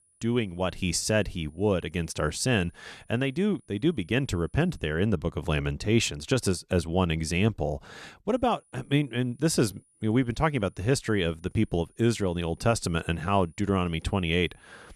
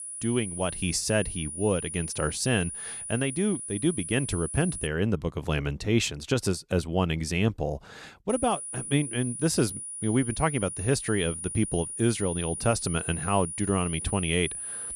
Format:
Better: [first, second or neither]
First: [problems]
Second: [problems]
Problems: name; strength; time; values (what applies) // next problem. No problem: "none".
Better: first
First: high-pitched whine; faint; until 5 s and from 8.5 s on; 9.5 kHz, 35 dB below the speech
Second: high-pitched whine; loud; until 5 s and from 8.5 s on; 9.5 kHz, 6 dB below the speech